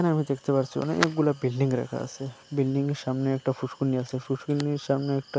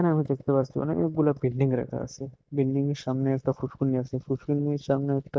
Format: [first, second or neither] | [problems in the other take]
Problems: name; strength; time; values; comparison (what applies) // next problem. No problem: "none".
first | noise reduction (neural mask model DeepFilterNet 3)